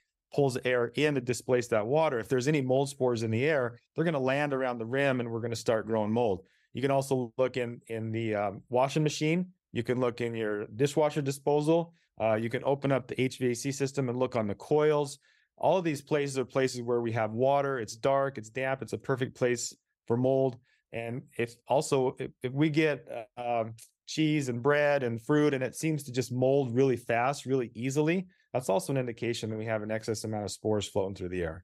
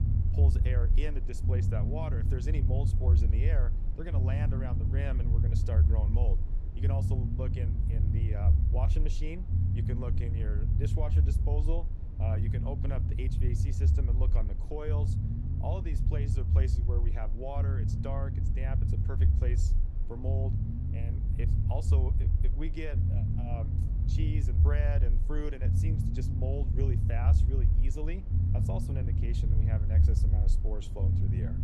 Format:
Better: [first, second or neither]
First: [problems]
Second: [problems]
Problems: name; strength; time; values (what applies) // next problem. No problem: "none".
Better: first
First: none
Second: low rumble; loud; throughout; 1 dB below the speech